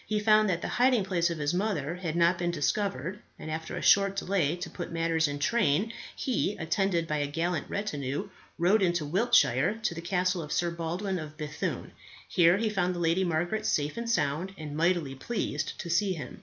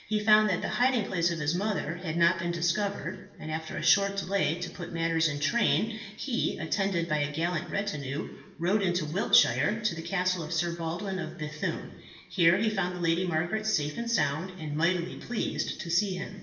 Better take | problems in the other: first | room echo; dies away in 0.9 s

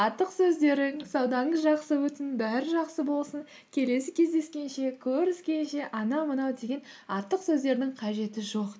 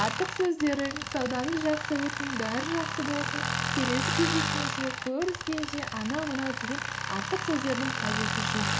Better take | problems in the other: first | background sound (Tools); 1 dB below the speech

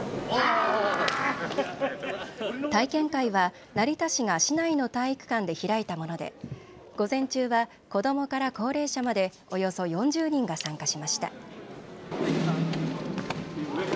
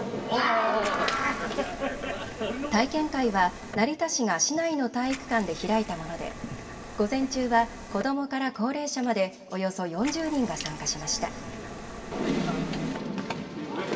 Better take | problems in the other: first | background sound (Liquid); 12 dB below the speech // room echo; dies away in 1.5 s

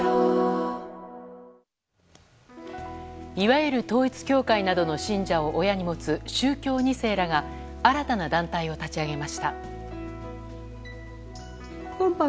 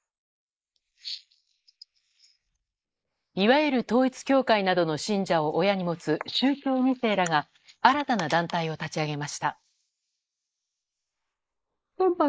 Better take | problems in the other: first | noise reduction (neural mask model Resemble Enhance denoiser)

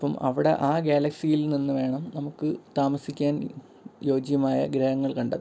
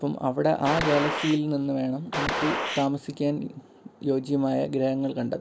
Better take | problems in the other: first | background sound (Gunshot, gunfire); 3 dB below the speech

